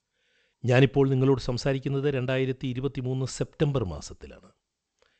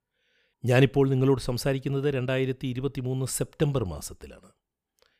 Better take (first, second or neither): second